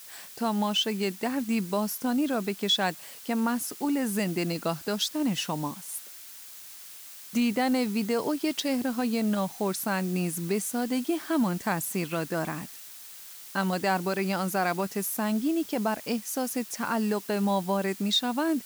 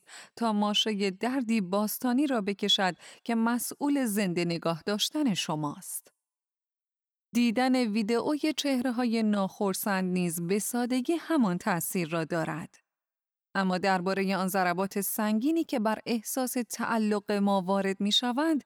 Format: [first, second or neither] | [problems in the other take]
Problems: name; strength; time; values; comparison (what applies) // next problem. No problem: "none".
second | hiss; noticeable; throughout; 15 dB below the speech